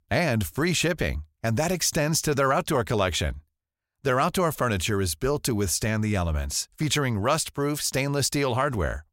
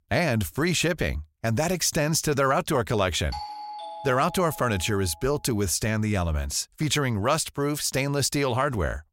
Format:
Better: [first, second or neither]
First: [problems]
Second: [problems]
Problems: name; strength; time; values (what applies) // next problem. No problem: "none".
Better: first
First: none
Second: doorbell; faint; from 3.5 to 5 s; peak 10 dB below the speech